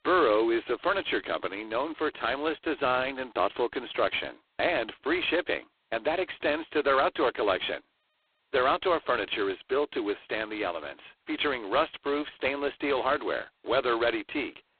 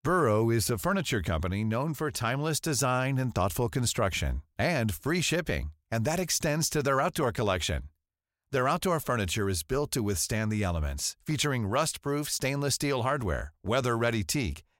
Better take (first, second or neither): second